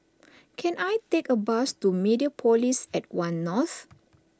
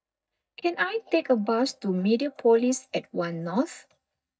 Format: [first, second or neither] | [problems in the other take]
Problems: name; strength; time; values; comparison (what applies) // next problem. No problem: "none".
first | noise reduction (neural mask model DeepFilterNet 3)